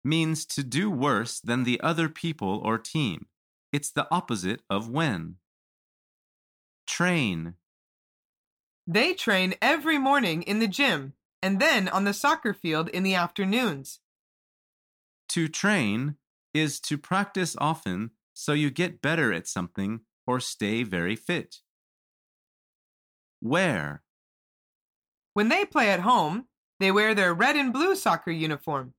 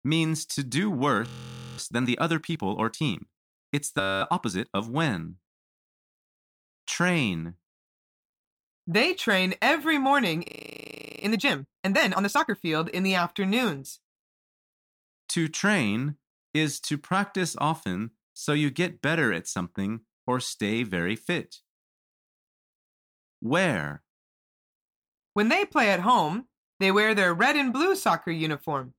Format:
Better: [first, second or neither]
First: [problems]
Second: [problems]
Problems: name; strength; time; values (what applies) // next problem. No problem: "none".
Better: first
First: none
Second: audio freezing; at 1.5 s for 0.5 s, at 4 s and at 10 s for 1 s